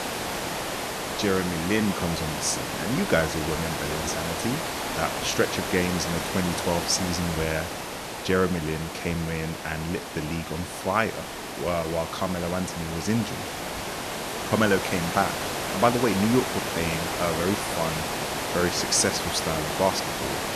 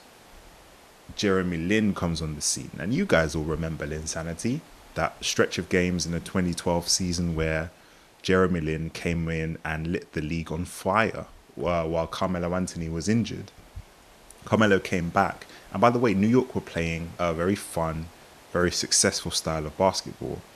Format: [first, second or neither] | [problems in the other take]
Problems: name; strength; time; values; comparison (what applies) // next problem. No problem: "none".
second | hiss; loud; throughout; 3 dB below the speech; faint in the second